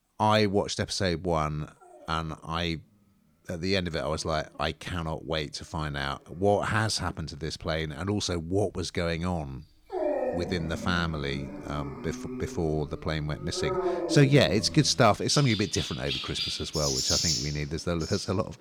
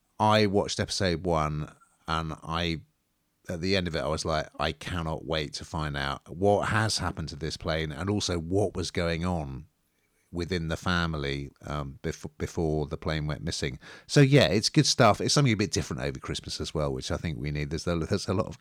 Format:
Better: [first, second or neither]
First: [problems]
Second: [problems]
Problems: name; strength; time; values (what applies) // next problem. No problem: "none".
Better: second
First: animal sounds; loud; throughout; 4 dB below the speech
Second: none